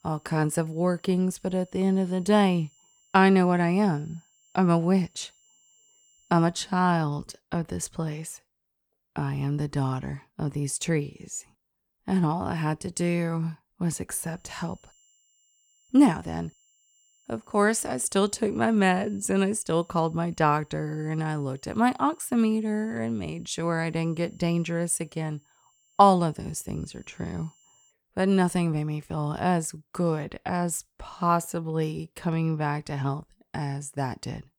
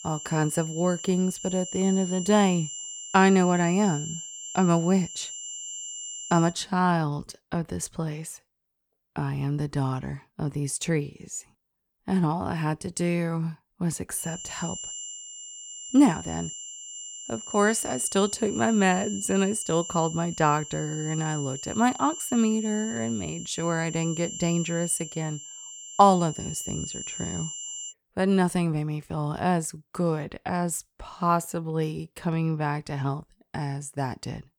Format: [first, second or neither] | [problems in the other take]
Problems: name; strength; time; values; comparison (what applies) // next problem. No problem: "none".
first | high-pitched whine; loud; until 6.5 s and from 14 to 28 s; 7.5 kHz, 9 dB below the speech; faint in the first